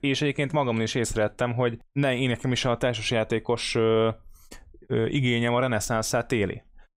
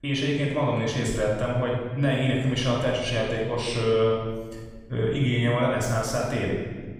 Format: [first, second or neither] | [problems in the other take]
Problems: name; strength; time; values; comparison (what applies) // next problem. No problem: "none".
first | off-mic speech; far // room echo; noticeable; dies away in 1.3 s